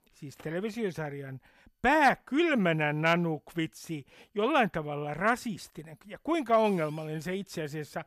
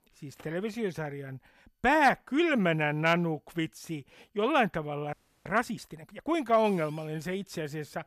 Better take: first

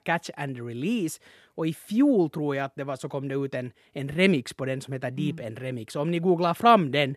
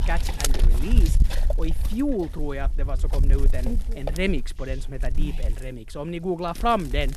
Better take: first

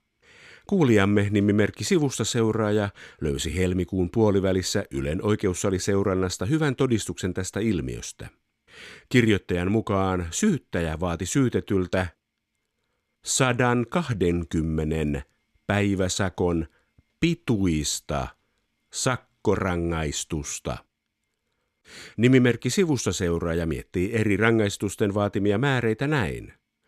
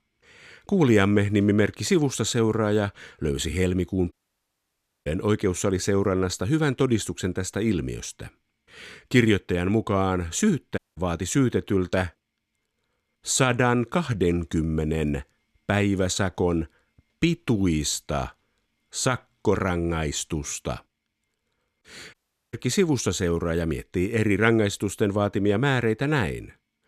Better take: first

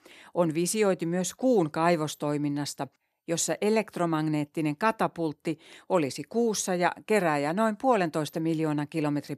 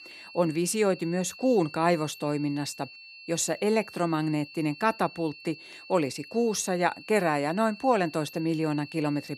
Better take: first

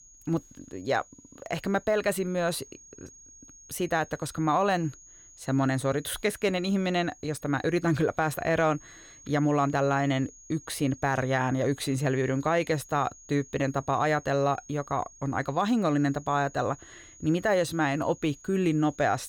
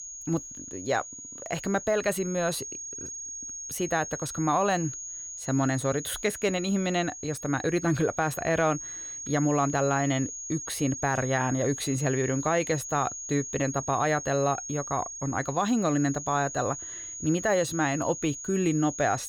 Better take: first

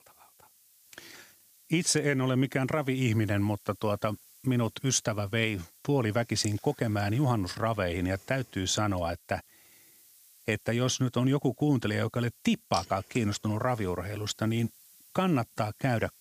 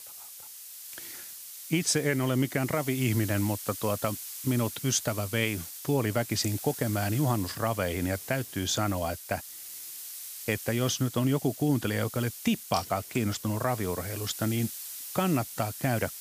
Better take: first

